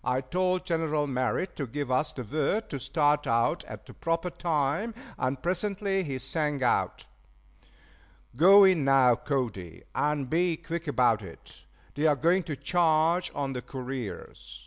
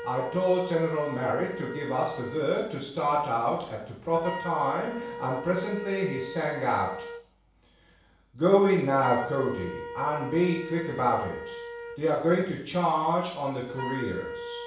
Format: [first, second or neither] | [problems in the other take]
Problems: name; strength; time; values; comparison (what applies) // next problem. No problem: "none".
first | background sound (Wind instrument, woodwind instrument); 11 dB below the speech // room echo; dies away in 0.7 s